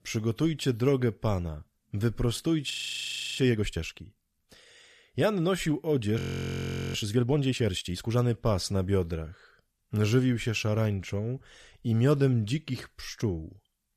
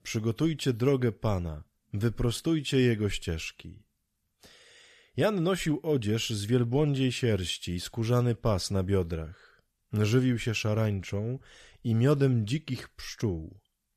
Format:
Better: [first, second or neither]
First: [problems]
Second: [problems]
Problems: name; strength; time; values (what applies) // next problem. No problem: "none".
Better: second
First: audio freezing; at 2.5 s for 0.5 s and at 6 s for 1 s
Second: none